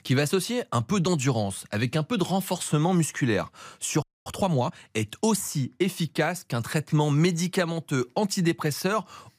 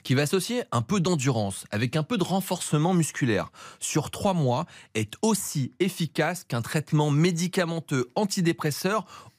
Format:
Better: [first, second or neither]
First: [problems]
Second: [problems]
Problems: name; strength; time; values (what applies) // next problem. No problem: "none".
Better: second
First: audio freezing; at 4 s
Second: none